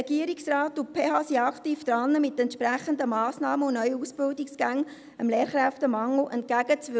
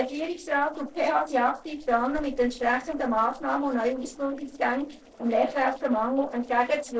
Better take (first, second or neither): first